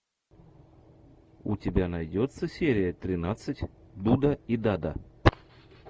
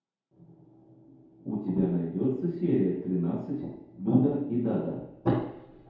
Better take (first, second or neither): first